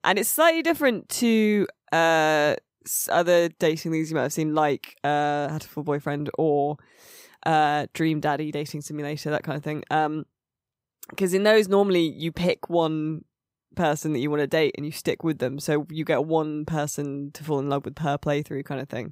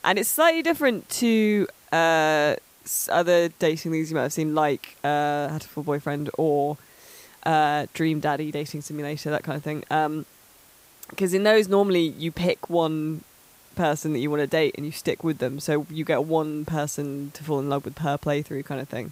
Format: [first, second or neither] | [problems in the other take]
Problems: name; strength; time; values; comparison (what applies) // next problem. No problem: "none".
first | hiss; faint; throughout; 25 dB below the speech